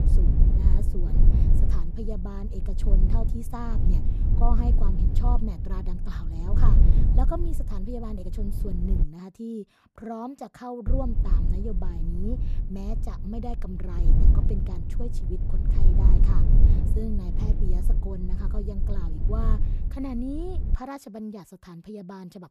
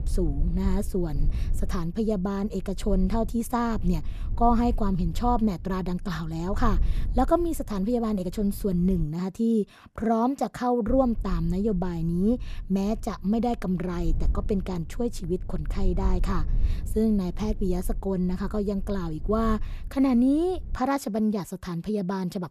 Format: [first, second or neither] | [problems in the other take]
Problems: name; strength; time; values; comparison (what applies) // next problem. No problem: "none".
second | low rumble; loud; until 9 s and from 11 to 21 s; 3 dB below the speech; faint in the second